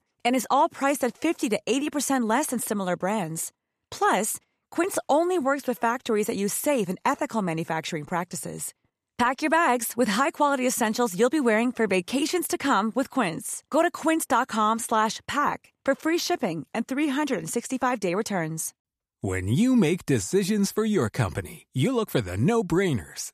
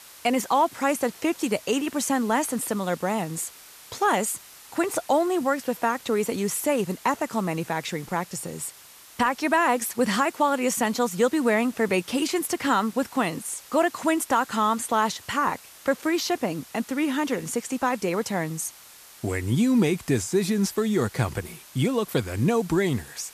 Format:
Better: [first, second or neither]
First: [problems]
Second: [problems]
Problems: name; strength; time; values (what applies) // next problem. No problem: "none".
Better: first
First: none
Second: hiss; noticeable; throughout; 20 dB below the speech